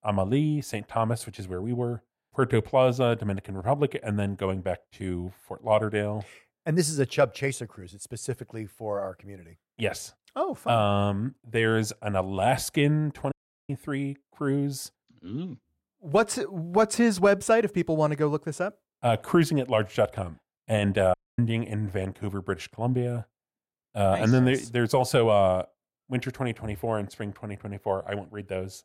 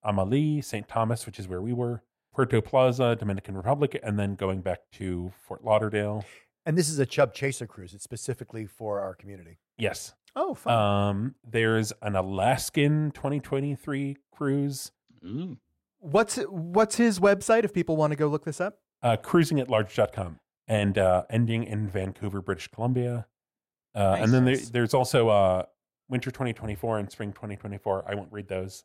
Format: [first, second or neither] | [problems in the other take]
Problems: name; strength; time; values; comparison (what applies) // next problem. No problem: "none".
second | audio cutting out; at 13 s and at 21 s